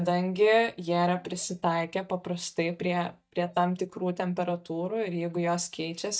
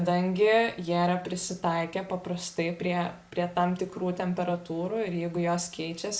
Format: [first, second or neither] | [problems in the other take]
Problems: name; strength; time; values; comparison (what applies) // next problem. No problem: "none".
second | noise reduction (neural mask model DeepFilterNet 3)